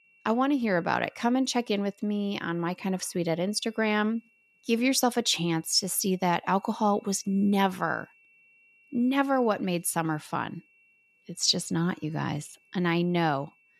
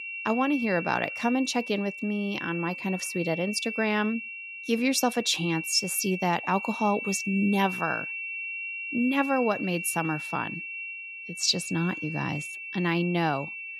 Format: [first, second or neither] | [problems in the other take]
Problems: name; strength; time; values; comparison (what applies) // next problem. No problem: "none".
first | high-pitched whine; loud; throughout; 2.5 kHz, 6 dB below the speech; faint in the first